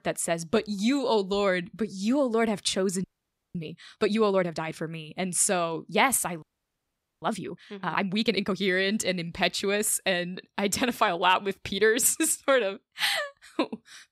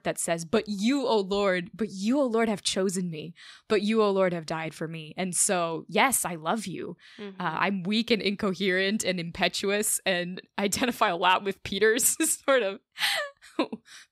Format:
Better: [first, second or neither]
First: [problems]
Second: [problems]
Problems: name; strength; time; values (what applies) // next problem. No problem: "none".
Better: second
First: audio freezing; at 3 s for 0.5 s and at 6.5 s for 1 s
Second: none